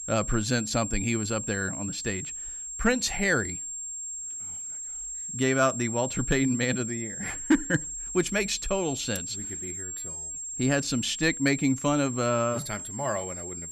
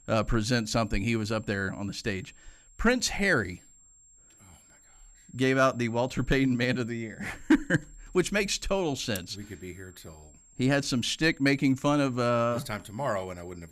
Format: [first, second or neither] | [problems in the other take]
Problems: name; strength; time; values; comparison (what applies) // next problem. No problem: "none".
second | high-pitched whine; loud; throughout; 7.5 kHz, 6 dB below the speech; faint in the second